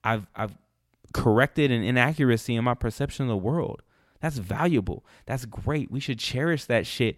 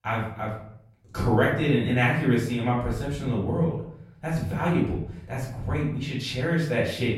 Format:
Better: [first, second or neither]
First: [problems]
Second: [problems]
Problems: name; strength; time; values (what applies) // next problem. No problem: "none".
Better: first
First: none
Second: off-mic speech; far // room echo; noticeable; dies away in 0.6 s